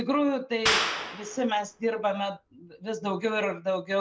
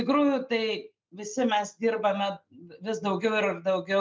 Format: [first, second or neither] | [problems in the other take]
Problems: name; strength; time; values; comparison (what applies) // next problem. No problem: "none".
second | background sound (Clapping); 4 dB below the speech